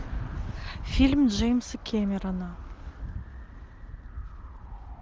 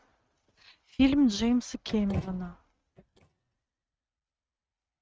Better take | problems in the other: first | noise reduction (neural mask model RNNoise)

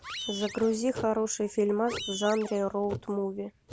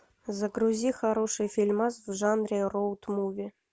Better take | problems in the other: second | background sound (Writing + Animal); 12 dB below the speech

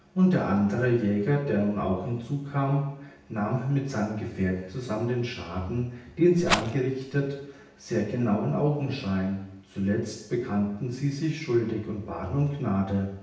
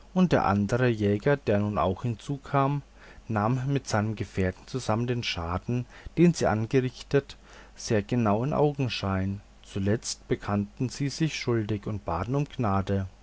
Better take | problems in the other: second | background sound (Rattle); 4 dB below the speech // room echo; dies away in 0.9 s

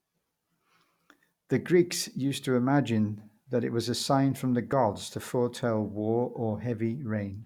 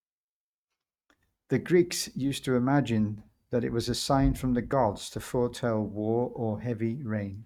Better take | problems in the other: first | noise reduction (neural mask model RNNoise)

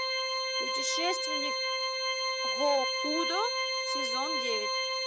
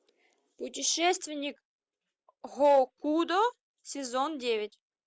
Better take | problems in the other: second | background sound (Organ); 5 dB above the speech

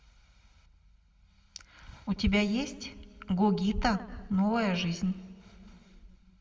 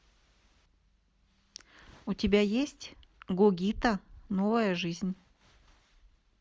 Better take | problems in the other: second | room echo; dies away in 1.1 s

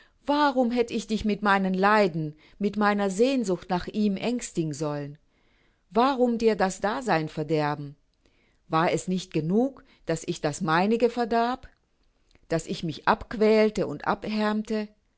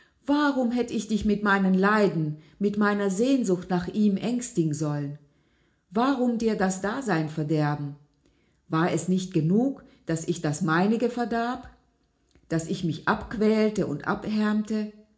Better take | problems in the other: first | room echo; dies away in 0.4 s

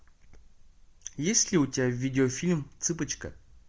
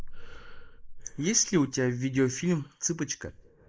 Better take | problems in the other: first | noise reduction (neural mask model Resemble Enhance denoiser)

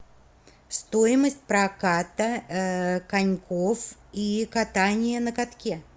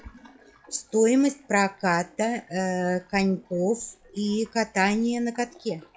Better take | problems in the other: first | noise reduction (classical method log-MMSE)

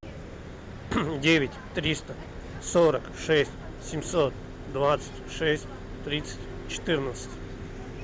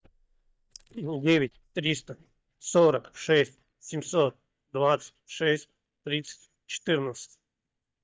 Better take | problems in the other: first | noise reduction (neural mask model DeepFilterNet 3)

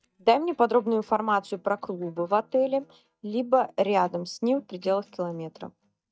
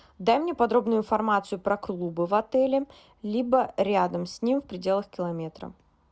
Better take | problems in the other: second | noise reduction (neural mask model DeepFilterNet 3)

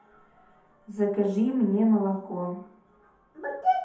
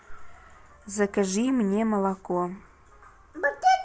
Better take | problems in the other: second | room echo; dies away in 0.6 s

